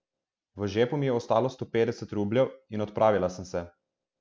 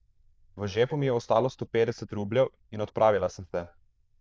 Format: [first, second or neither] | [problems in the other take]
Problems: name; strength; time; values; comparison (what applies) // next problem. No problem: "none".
first | noise reduction (neural diffusion model UNIVERSE++)